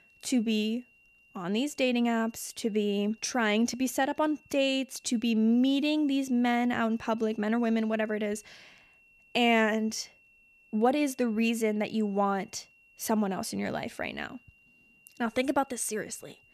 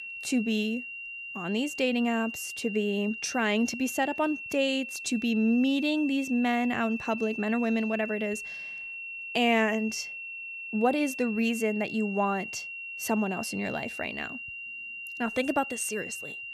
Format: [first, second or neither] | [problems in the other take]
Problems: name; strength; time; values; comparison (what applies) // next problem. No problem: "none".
first | high-pitched whine; loud; throughout; 3 kHz, 8 dB below the speech; faint in the first